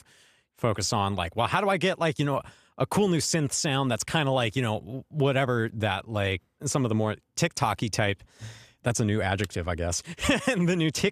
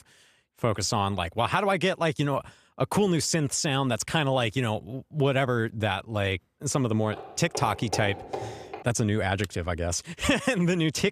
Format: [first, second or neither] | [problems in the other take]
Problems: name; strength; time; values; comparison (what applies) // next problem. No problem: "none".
first | footsteps; noticeable; from 7 to 9 s; peak 8 dB below the speech